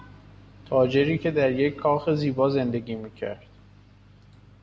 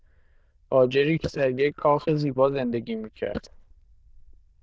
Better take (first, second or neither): first